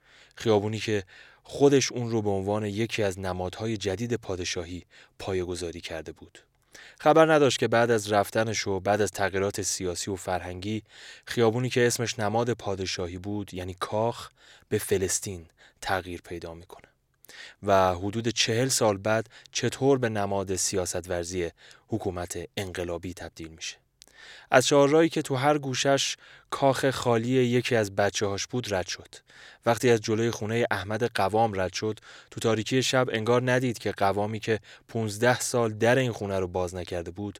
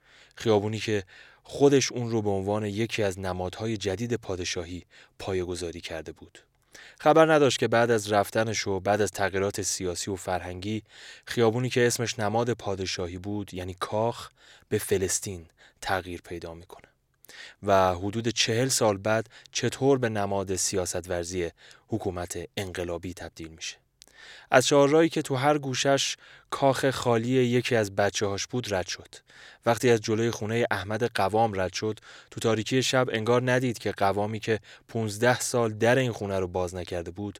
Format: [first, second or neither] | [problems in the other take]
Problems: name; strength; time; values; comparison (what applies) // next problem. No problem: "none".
neither | none